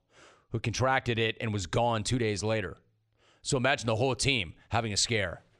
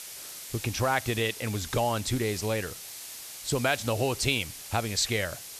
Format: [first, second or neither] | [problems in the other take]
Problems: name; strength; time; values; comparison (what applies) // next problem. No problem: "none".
first | hiss; noticeable; throughout; 10 dB below the speech